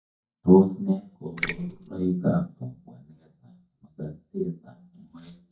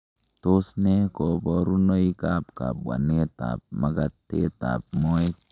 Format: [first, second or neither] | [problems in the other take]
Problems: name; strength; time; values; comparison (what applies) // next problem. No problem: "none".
second | noise reduction (neural mask model DeepFilterNet 3)